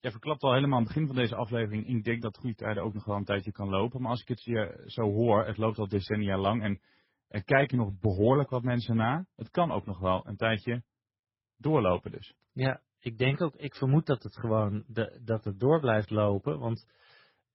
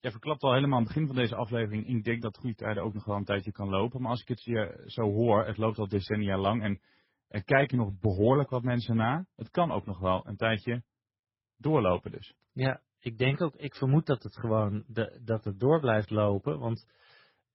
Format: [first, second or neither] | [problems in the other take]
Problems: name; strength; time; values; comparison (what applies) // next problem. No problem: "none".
neither | garbled, watery; badly; nothing above 5.5 kHz; the same in both